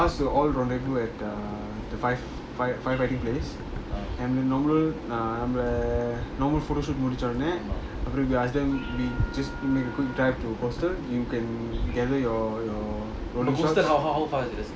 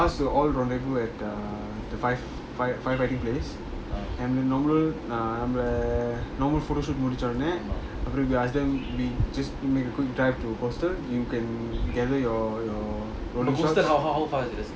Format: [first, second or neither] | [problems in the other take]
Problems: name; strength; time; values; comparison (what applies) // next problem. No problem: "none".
second | background sound (Wind instrument, woodwind instrument + Knock); 18 dB below the speech